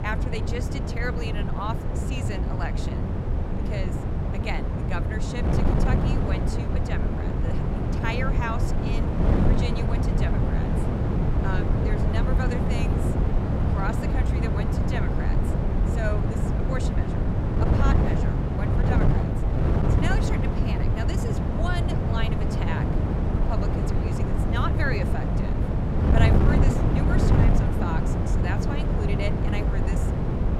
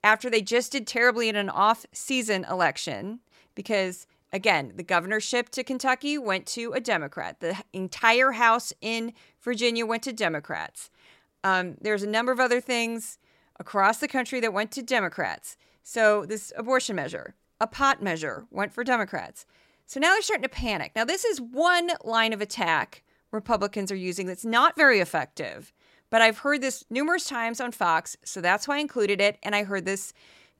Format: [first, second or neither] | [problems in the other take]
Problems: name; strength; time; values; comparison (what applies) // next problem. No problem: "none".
second | wind noise on the microphone; heavy; 2 dB above the speech